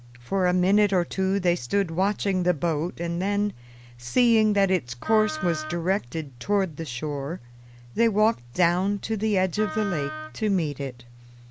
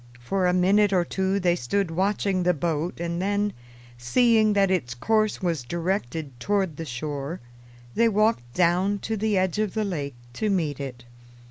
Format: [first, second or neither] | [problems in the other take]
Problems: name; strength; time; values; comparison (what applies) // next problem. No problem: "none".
second | background sound (Wind instrument, woodwind instrument); 11 dB below the speech